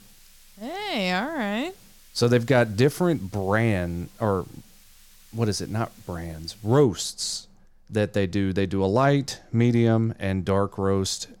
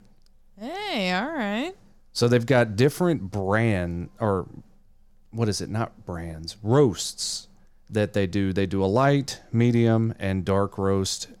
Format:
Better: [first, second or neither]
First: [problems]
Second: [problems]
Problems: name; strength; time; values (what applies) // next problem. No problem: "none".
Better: second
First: hiss; faint; until 7 s; 30 dB below the speech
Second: none